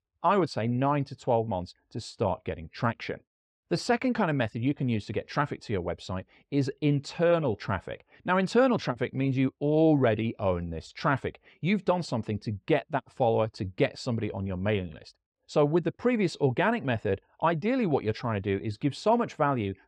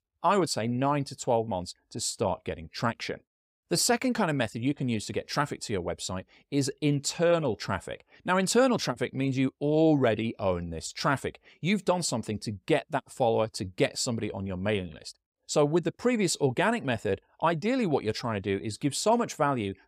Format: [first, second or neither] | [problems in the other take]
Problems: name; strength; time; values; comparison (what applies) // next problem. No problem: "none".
second | muffled; slightly; fading above 3 kHz